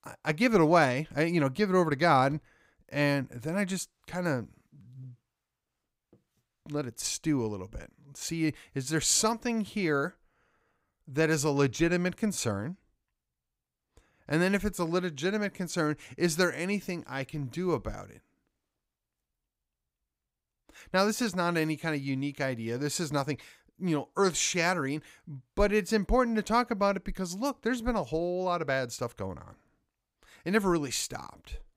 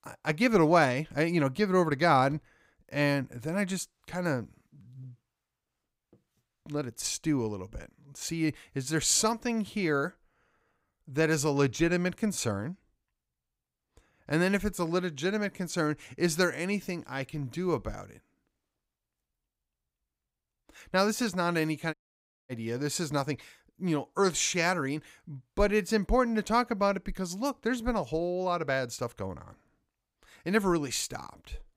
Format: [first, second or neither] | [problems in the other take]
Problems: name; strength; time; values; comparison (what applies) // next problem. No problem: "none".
first | audio cutting out; at 22 s for 0.5 s